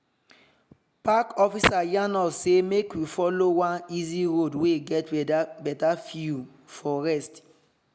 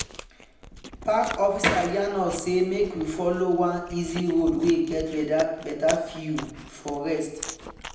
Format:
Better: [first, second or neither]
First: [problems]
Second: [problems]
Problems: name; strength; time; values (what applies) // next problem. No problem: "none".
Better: first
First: none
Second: background sound (Chewing, mastication); 14 dB below the speech // room echo; dies away in 0.8 s